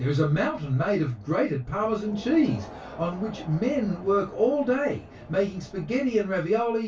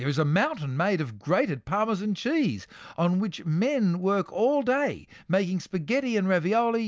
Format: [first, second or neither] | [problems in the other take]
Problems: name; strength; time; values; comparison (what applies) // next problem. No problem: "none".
second | background sound (Crowd); 19 dB below the speech // room echo; dies away in 0.2 s